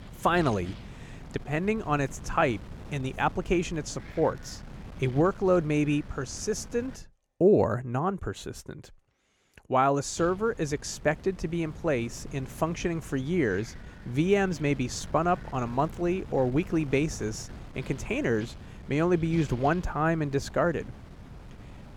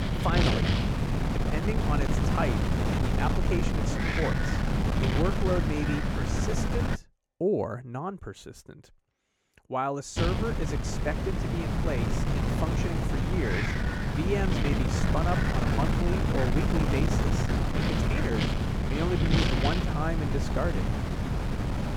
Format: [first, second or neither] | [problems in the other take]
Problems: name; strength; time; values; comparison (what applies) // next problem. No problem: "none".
first | wind noise on the microphone; heavy; until 7 s and from 10 s on; 1 dB above the speech; occasional gusts in the first